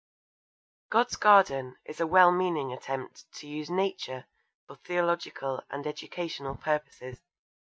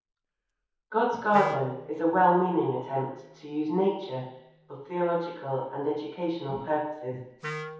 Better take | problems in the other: first | background sound (Wind instrument, woodwind instrument); 17 dB below the speech // room echo; dies away in 2.2 s

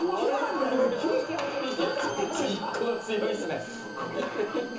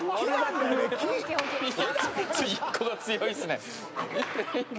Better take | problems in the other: second | background sound (Bowed string instrument); 15 dB below the speech // room echo; dies away in 0.8 s

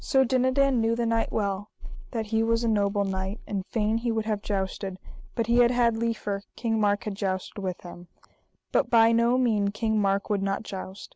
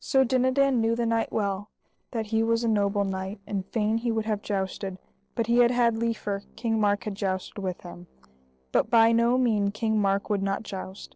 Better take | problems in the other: first | noise reduction (neural separator model SepFormer DNS4)

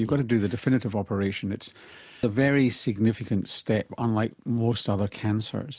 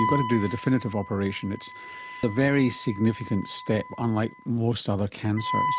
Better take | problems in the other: first | background sound (Wind instrument, woodwind instrument); 8 dB below the speech

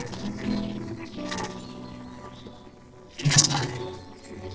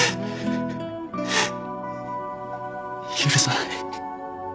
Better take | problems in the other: second | noise reduction (neural separator model SepFormer DNS4)

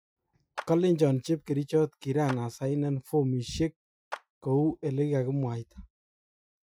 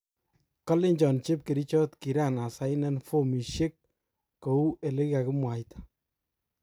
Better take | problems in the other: second | noise reduction (classical method Wiener filter)

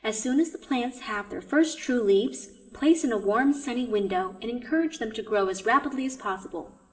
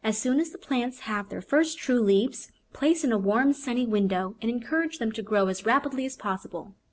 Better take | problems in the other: second | room echo; dies away in 2.4 s

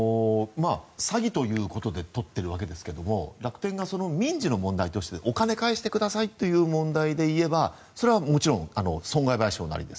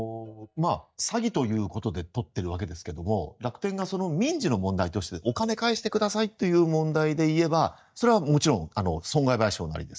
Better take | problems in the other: first | noise reduction (neural mask model DeepFilterNet 3)

